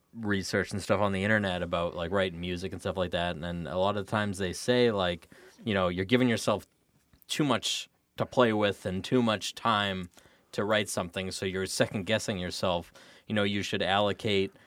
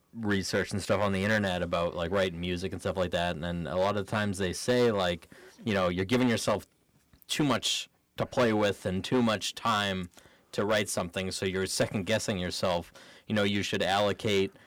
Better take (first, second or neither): first